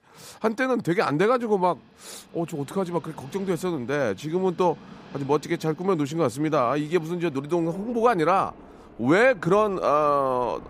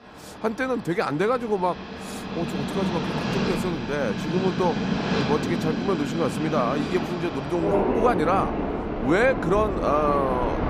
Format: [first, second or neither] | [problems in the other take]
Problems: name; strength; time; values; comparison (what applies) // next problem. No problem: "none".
first | train or aircraft noise; loud; throughout; 2 dB below the speech; faint in the first